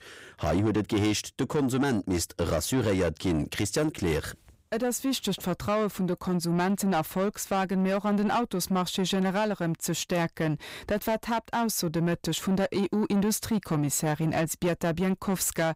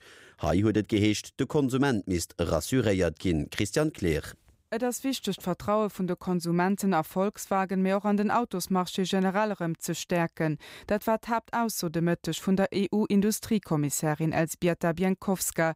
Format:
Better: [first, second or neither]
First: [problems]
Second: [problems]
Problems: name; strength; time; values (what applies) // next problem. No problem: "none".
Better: second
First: distortion; slight; 10 dB below the speech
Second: none